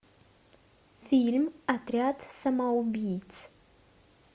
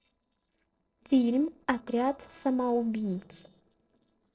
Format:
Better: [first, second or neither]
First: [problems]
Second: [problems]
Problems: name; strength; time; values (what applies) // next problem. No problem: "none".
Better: first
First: none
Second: noise reduction (neural separator model SepFormer DNS4)